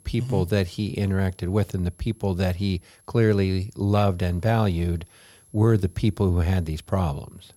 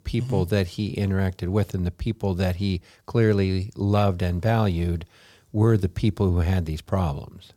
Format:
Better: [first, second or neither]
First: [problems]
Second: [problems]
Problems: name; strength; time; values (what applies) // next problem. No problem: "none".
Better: second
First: high-pitched whine; faint; throughout; 11 kHz, 30 dB below the speech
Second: none